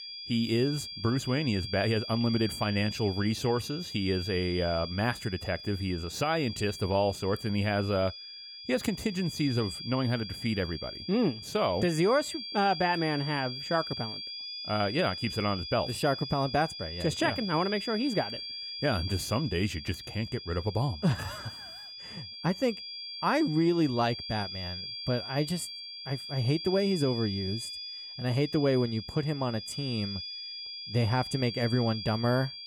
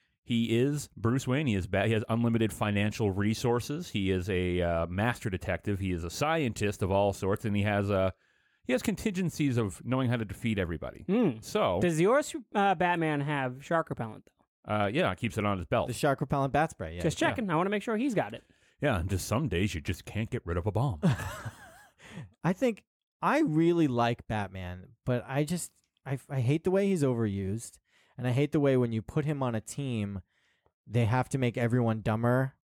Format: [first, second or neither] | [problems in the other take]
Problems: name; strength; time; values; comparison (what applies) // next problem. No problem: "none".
second | high-pitched whine; loud; throughout; 5 kHz, 8 dB below the speech